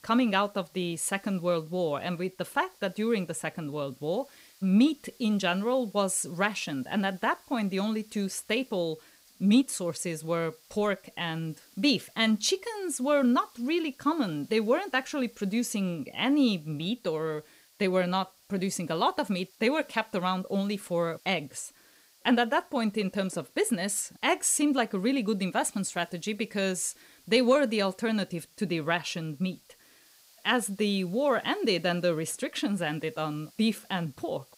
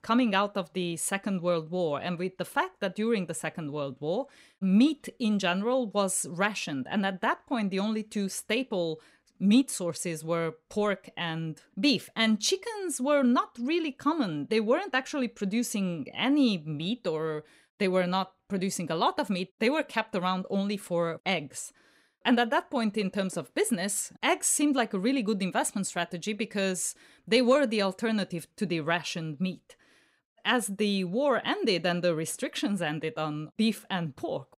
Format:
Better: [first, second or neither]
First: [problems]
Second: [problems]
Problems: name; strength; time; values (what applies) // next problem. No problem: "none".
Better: second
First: hiss; faint; throughout; 30 dB below the speech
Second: none